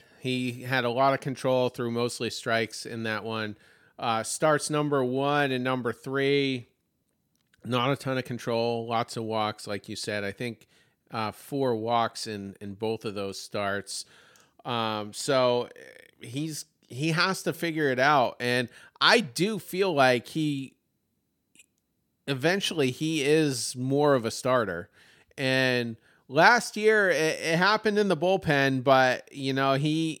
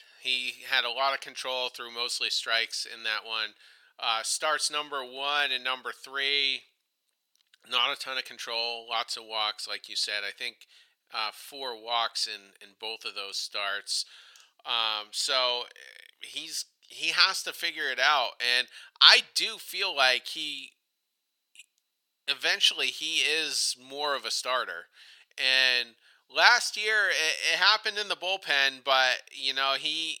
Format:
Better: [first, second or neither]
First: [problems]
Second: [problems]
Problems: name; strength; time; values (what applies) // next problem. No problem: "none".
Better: first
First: none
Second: thin; very; fading below 950 Hz